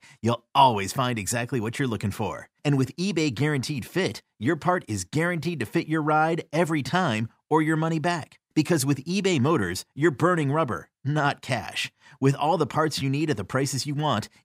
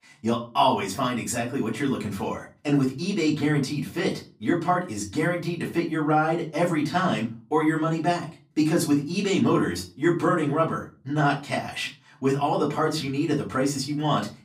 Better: first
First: none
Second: off-mic speech; far // room echo; very slight; dies away in 0.3 s

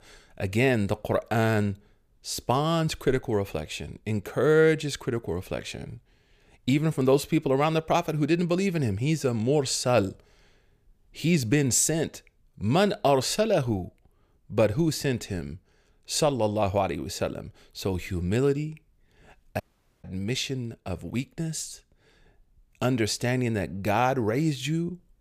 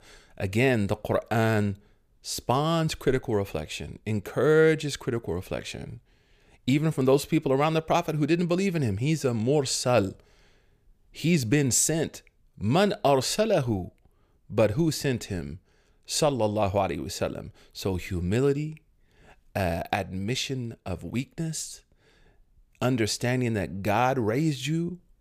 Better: second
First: audio cutting out; at 20 s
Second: none

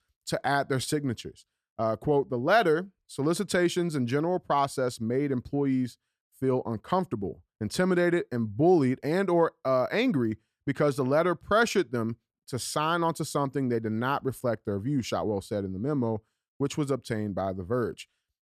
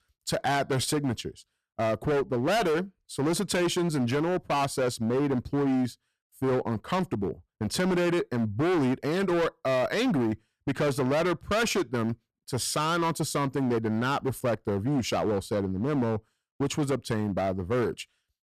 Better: first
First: none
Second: distortion; heavy; 20% of the sound clipped

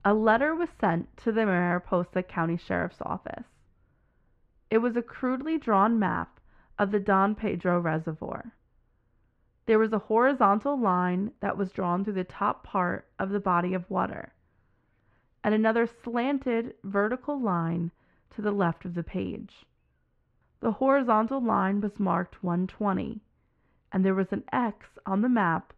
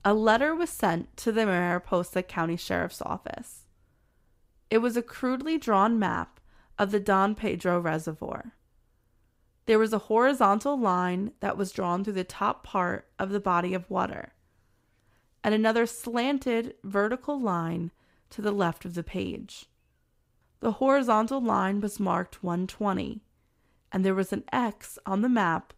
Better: second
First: muffled; very; fading above 2 kHz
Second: none

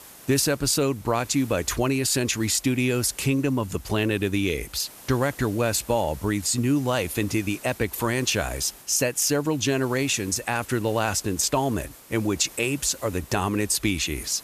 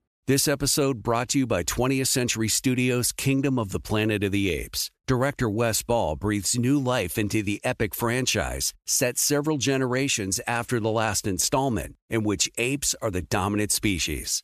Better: second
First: hiss; faint; throughout; 20 dB below the speech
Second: none

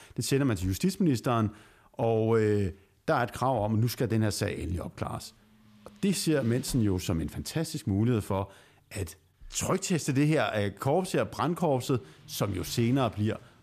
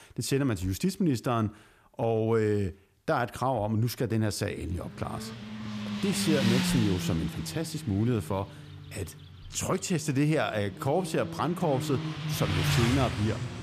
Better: first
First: traffic noise; faint; from 5 s on; 25 dB below the speech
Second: traffic noise; loud; from 5 s on; 3 dB below the speech

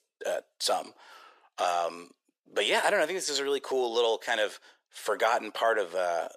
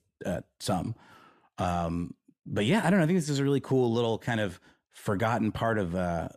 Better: second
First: thin; very; fading below 450 Hz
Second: none

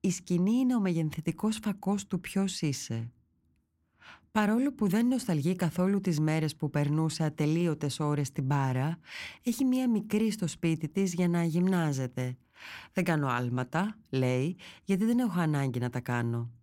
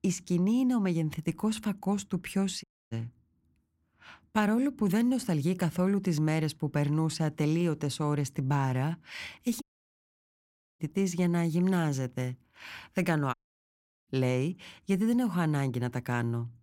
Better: first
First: none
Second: audio cutting out; at 2.5 s, at 9.5 s for 1 s and at 13 s for 0.5 s

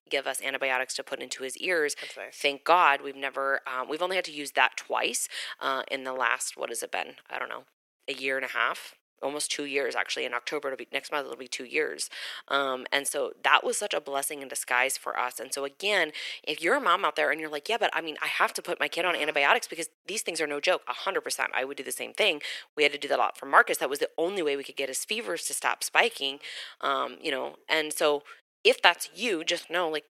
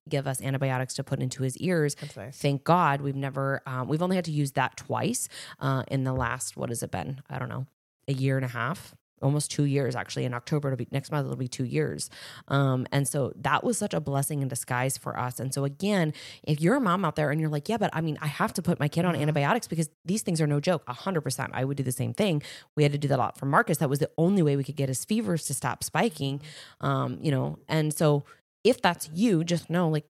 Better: second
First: thin; very; fading below 350 Hz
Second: none

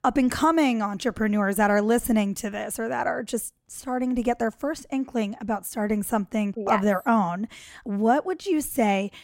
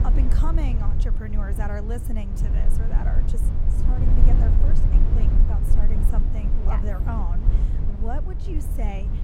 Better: first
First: none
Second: low rumble; loud; throughout; 2 dB below the speech

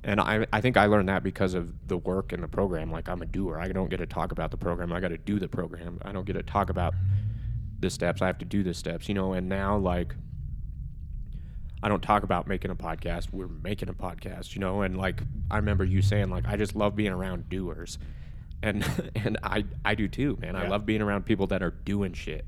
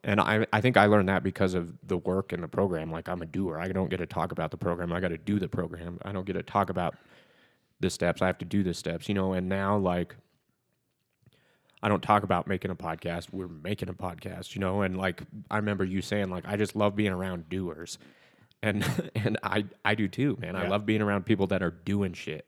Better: second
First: low rumble; faint; throughout; 20 dB below the speech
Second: none

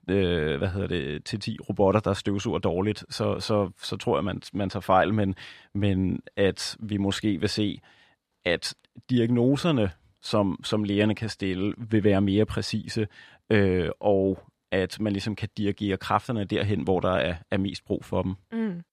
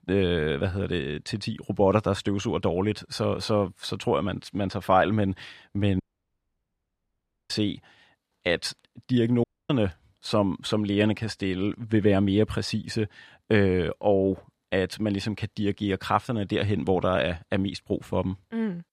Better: first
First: none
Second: audio cutting out; at 6 s for 1.5 s and at 9.5 s

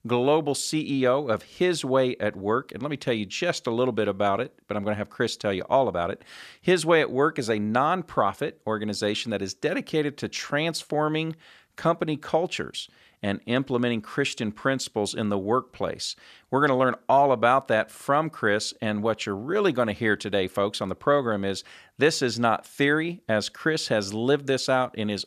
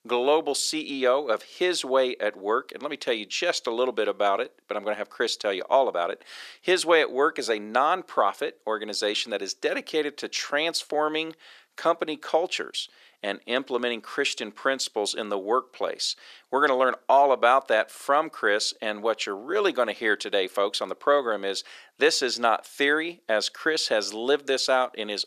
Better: first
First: none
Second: thin; somewhat; fading below 350 Hz

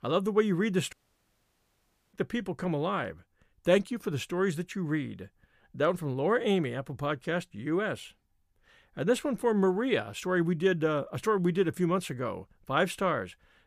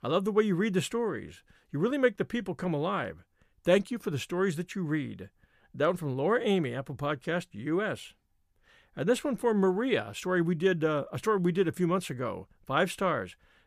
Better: second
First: audio cutting out; at 1 s for 1 s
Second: none

